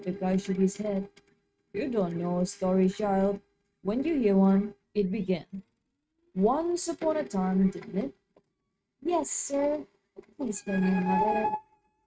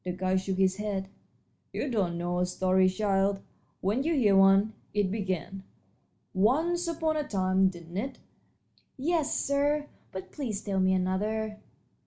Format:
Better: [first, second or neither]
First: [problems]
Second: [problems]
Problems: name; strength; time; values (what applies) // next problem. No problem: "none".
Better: second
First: noise reduction (neural mask model RNNoise)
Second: none